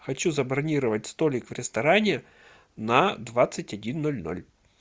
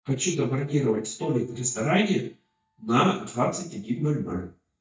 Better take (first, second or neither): first